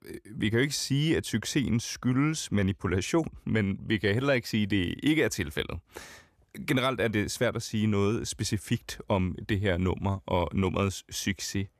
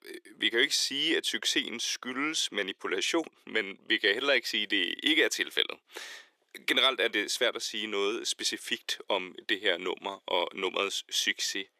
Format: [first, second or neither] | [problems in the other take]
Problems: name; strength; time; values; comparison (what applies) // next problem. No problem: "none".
first | thin; very; fading below 350 Hz